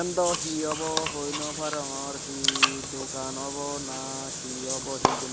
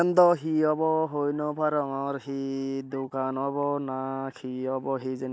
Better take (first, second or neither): second